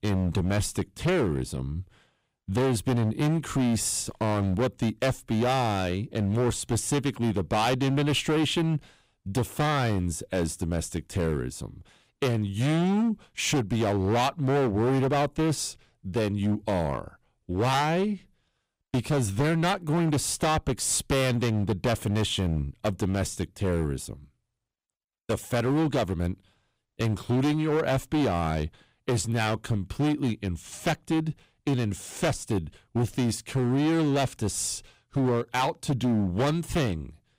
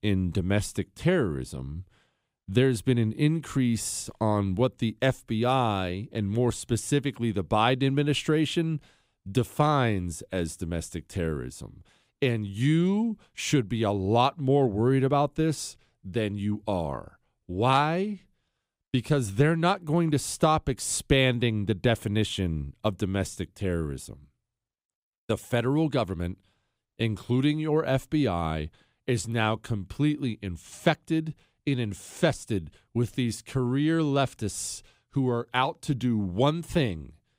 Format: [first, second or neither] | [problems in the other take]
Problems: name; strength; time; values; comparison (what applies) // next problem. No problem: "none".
second | distortion; heavy; 15% of the sound clipped